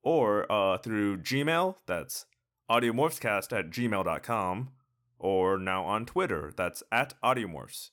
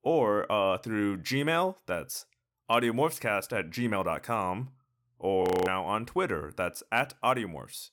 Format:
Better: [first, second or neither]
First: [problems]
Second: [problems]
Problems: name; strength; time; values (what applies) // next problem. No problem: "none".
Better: first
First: none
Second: audio freezing; at 5.5 s